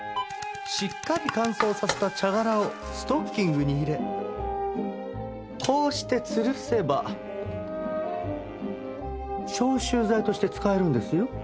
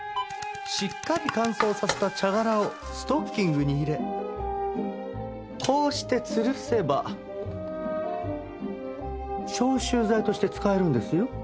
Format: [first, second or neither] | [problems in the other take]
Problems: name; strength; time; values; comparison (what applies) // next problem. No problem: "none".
second | background sound (Wind instrument, woodwind instrument); 19 dB below the speech